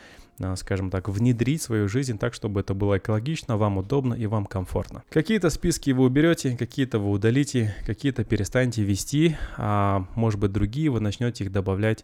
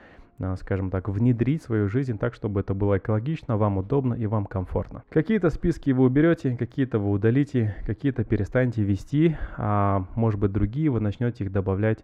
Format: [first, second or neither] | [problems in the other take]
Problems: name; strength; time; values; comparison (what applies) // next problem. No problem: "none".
first | muffled; very; fading above 3.5 kHz